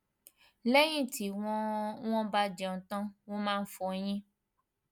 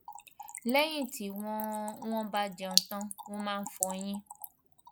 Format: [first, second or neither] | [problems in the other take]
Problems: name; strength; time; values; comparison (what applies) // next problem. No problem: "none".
first | background sound (Trickle, dribble / Splash, splatter); 4 dB below the speech